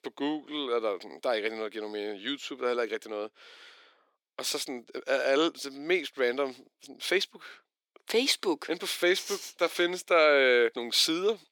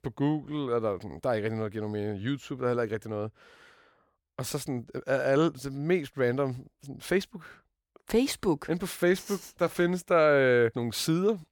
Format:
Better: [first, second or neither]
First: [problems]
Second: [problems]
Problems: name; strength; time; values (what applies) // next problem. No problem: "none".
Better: second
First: thin; somewhat; fading below 300 Hz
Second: none